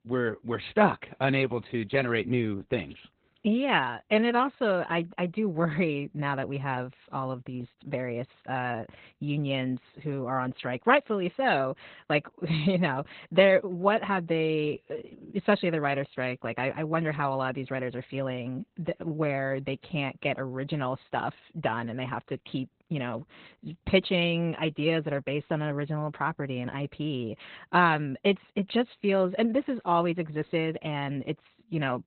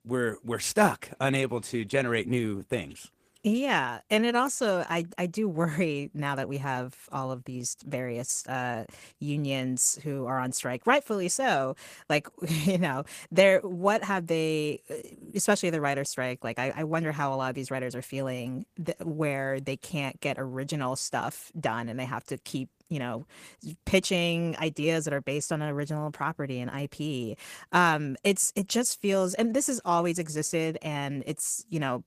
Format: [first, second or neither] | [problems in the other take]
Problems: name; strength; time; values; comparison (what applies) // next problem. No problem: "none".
second | garbled, watery; badly; nothing above 4 kHz; slightly in the second